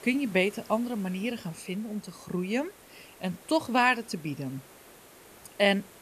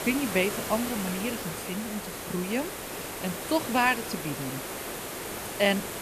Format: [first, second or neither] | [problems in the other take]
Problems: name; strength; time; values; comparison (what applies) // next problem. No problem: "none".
first | hiss; loud; throughout; 5 dB below the speech; faint in the first